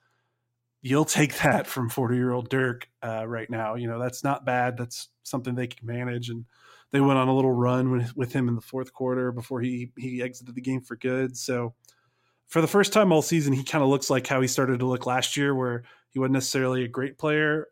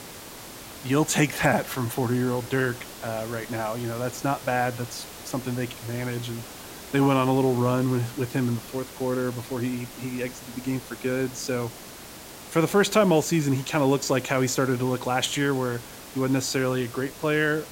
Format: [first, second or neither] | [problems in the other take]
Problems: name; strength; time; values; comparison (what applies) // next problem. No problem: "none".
first | hiss; noticeable; throughout; 15 dB below the speech